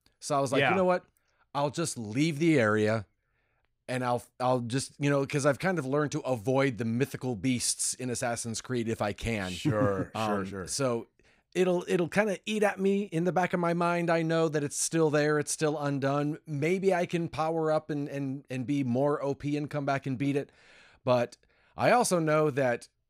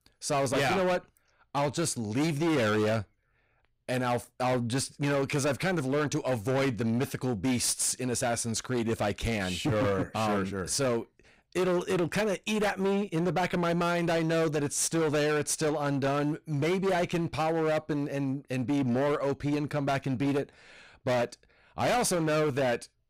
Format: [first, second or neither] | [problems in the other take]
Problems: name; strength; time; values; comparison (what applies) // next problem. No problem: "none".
first | distortion; heavy; 20% of the sound clipped